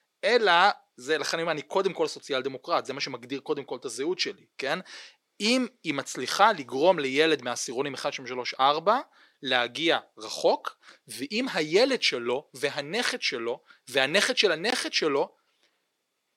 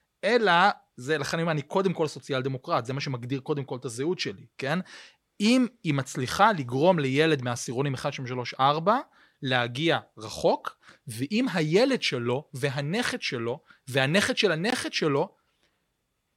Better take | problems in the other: second | thin; very slightly; fading below 350 Hz

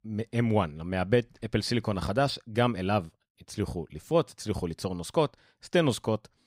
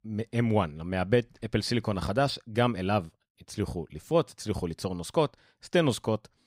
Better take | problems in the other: neither | none

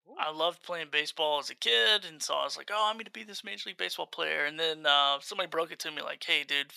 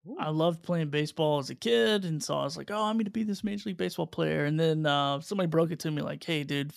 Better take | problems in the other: second | thin; very; fading below 800 Hz

